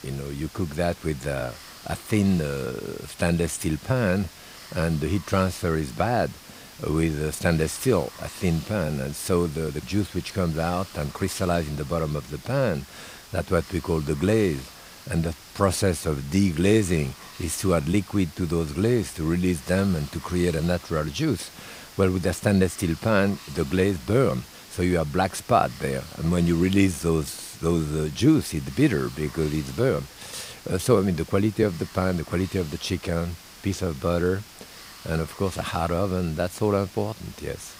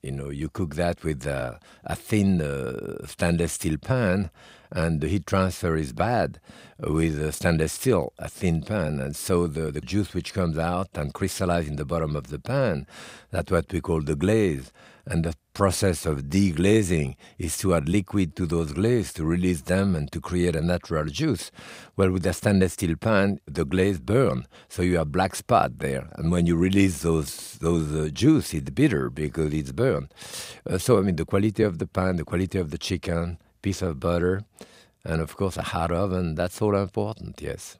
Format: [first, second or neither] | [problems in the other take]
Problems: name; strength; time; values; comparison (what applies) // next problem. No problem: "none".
second | hiss; noticeable; throughout; 15 dB below the speech